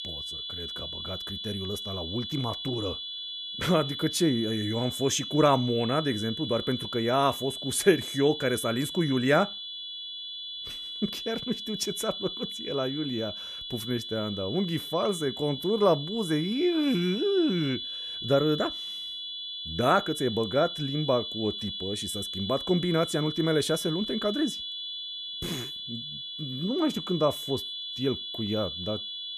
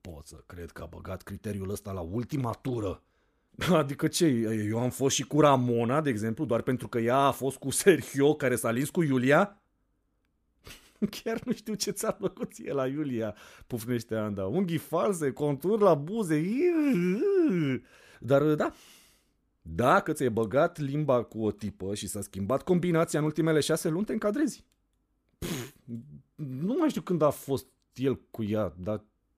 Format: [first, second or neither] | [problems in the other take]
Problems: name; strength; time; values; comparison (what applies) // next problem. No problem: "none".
second | high-pitched whine; loud; throughout; 3.5 kHz, 6 dB below the speech